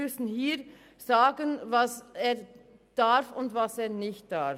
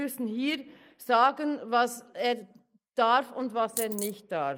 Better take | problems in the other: first | noise reduction (neural mask model Resemble Enhance denoiser)

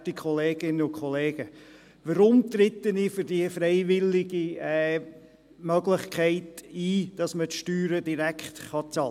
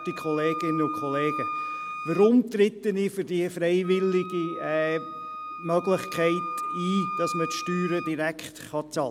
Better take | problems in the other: first | background sound (Wind instrument, woodwind instrument); 8 dB below the speech

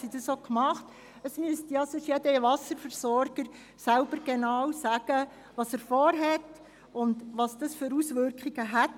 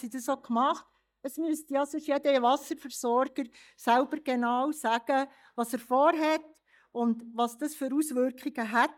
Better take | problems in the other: first | noise reduction (neural mask model DeepFilterNet 3)

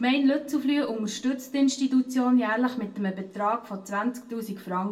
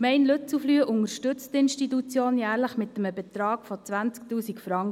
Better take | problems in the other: second | room echo; dies away in 0.2 s

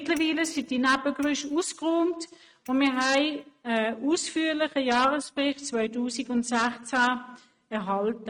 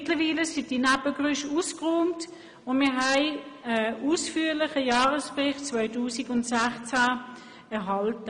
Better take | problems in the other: second | noise reduction (neural mask model RNNoise)

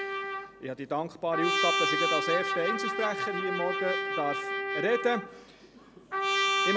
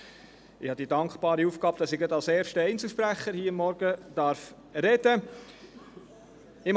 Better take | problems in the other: second | background sound (Trumpet); 2 dB above the speech

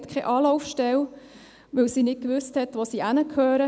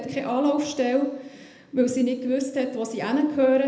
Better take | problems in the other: first | room echo; dies away in 0.7 s

